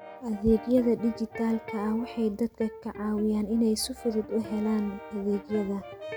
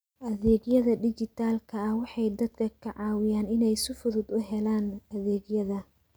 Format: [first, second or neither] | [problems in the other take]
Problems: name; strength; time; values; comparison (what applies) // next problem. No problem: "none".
second | background sound (Brass instrument + Electric guitar); 15 dB below the speech